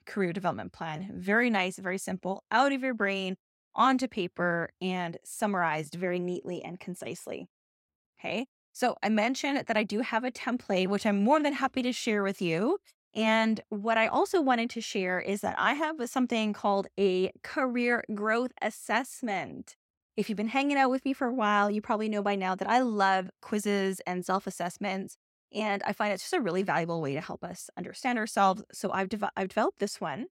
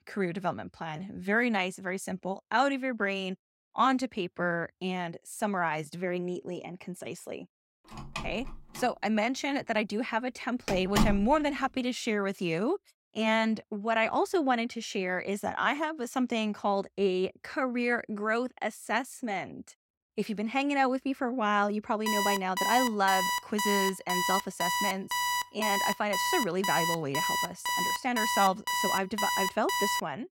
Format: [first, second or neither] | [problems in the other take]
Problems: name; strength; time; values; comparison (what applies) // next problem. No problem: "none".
first | door banging; loud; from 8 to 11 s; peak 2 dB above the speech // alarm; loud; from 22 s on; peak 2 dB above the speech